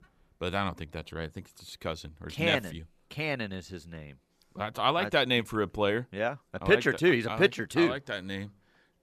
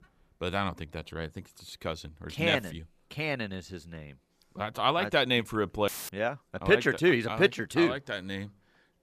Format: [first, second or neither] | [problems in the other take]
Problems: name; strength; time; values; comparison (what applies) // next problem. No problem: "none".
first | audio cutting out; filled with static; at 6 s